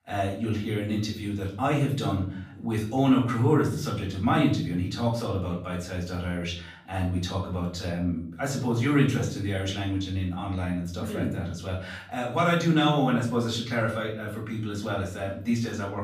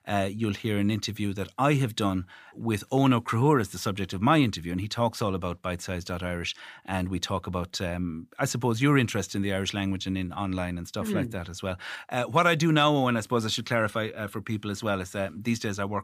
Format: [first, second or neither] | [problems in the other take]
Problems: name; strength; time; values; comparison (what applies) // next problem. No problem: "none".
second | off-mic speech; far // room echo; slight; dies away in 0.6 s